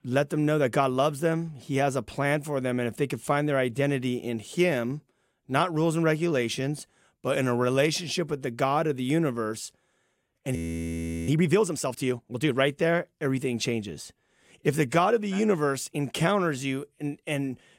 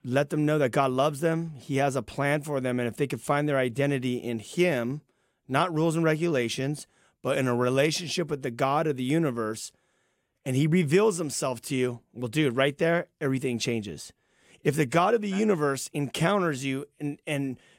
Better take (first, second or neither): second